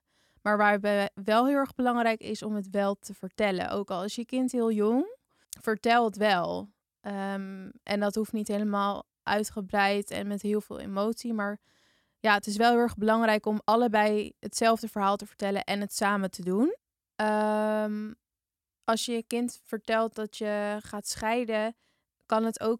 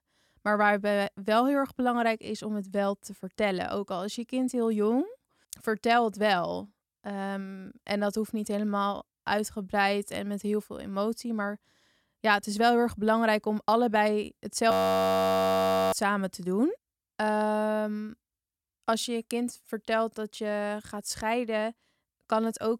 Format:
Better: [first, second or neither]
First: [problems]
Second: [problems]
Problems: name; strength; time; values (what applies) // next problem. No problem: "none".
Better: first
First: none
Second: audio freezing; at 15 s for 1 s